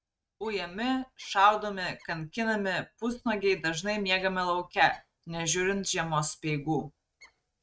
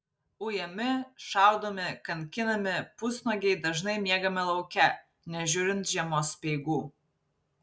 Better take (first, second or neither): second